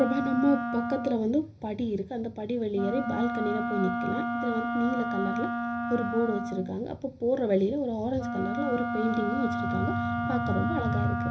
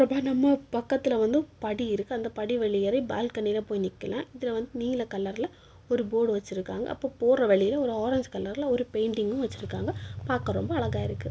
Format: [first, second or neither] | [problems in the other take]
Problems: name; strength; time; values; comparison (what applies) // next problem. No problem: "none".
second | background sound (Wind instrument, woodwind instrument); 3 dB below the speech // room echo; dies away in 0.5 s